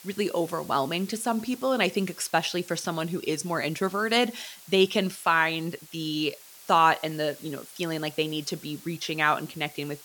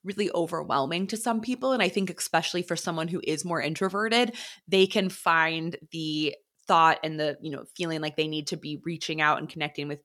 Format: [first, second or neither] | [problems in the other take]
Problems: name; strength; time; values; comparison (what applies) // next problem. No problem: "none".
second | hiss; noticeable; throughout; 20 dB below the speech